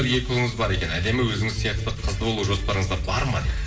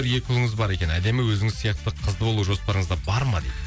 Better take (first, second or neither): second